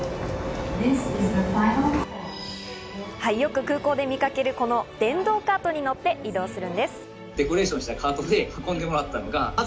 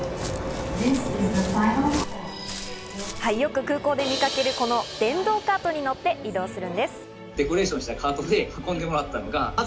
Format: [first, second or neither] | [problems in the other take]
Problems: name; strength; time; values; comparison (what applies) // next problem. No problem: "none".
first | background sound (Crash cymbal + Walk, footsteps); 11 dB below the speech